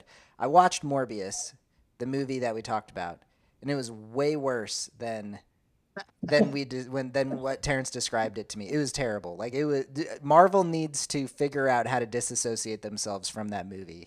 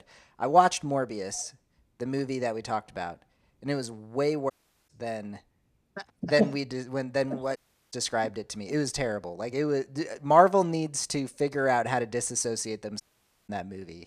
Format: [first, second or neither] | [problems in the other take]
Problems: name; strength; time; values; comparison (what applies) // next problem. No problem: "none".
first | audio cutting out; at 4.5 s, at 7.5 s and at 13 s